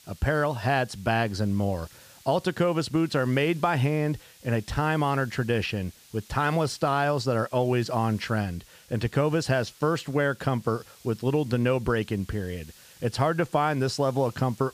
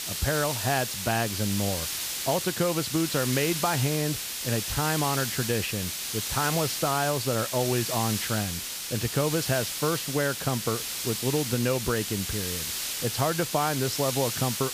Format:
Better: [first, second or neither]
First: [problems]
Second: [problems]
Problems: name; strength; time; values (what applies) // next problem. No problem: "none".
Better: first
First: hiss; faint; throughout; 25 dB below the speech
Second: hiss; loud; throughout; 2 dB below the speech